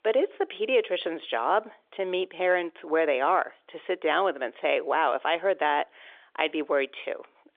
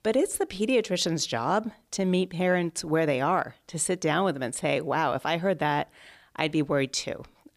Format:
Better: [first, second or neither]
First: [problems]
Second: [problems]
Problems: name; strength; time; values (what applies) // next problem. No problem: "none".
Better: second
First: phone-call audio; nothing above 3.5 kHz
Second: none